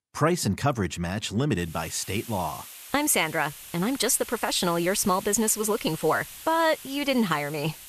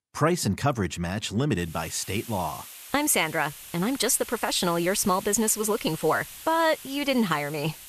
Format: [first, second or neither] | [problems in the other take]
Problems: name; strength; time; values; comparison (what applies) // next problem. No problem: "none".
neither | hiss; noticeable; from 1.5 s on; 15 dB below the speech; the same in both